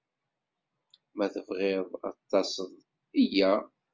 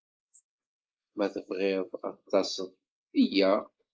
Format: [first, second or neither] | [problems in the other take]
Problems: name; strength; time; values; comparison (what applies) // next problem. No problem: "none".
first | noise reduction (neural mask model Resemble Enhance denoiser)